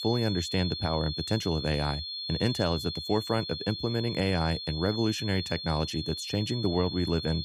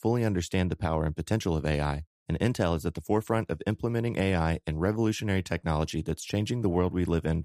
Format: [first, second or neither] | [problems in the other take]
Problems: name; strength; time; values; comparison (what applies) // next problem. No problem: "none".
second | high-pitched whine; loud; throughout; 4.5 kHz, 5 dB below the speech